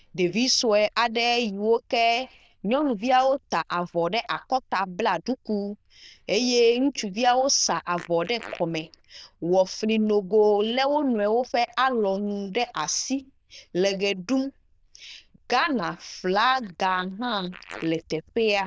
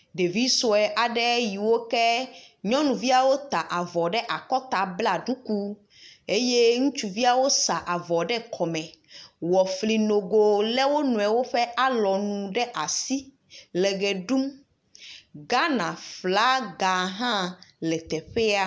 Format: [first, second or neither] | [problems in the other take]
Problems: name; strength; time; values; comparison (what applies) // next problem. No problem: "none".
second | noise reduction (neural diffusion model UNIVERSE++)